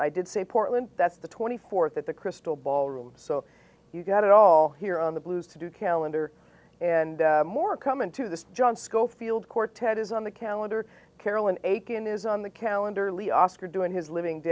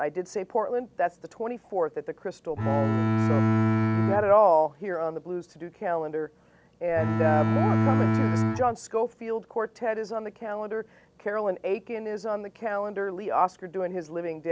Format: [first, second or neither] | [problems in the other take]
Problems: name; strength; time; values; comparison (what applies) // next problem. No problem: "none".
first | background sound (Bowed string instrument); 5 dB above the speech